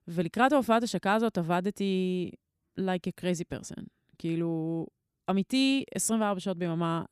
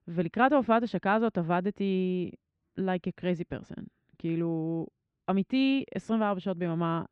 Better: first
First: none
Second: muffled; very; fading above 3 kHz

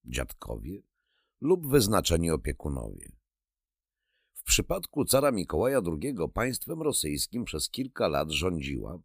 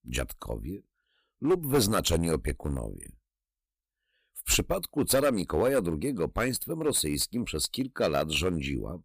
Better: first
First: none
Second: distortion; slight; 4% of the sound clipped

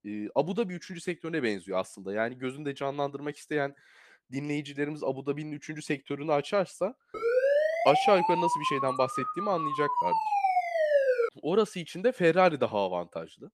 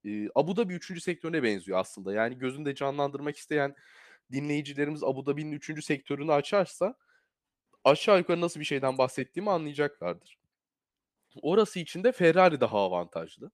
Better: second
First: siren; loud; from 7 to 11 s; peak 5 dB above the speech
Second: none

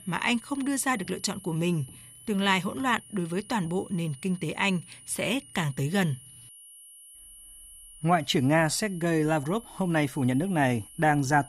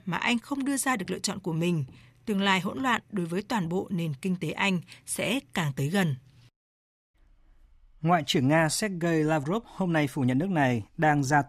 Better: second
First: high-pitched whine; noticeable; throughout; 9.5 kHz, 20 dB below the speech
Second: none

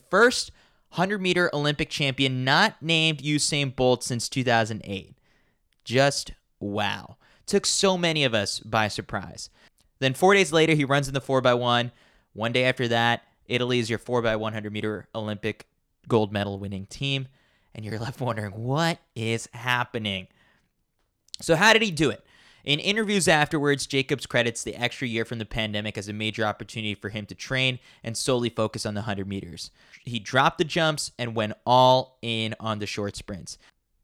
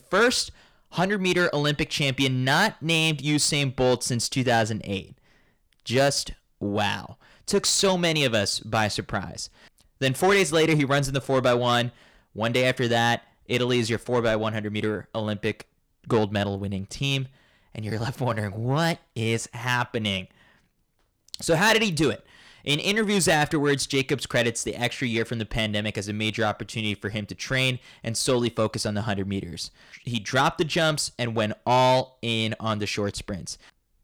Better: first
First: none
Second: distortion; slight; 10 dB below the speech

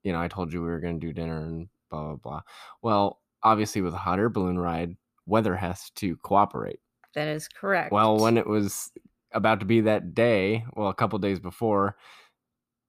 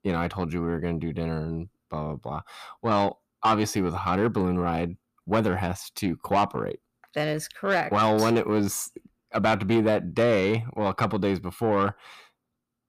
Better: first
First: none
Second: distortion; slight; 10 dB below the speech

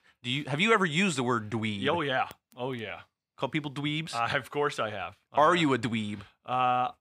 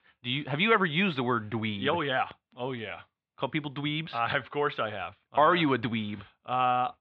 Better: first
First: none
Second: muffled; very; fading above 3.5 kHz

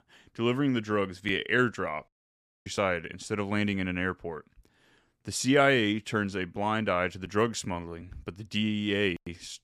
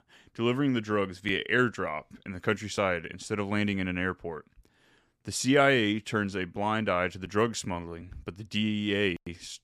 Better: second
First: audio cutting out; at 2 s for 0.5 s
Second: none

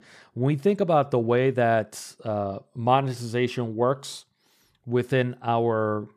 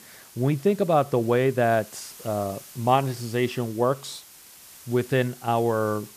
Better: first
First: none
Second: hiss; noticeable; throughout; 20 dB below the speech

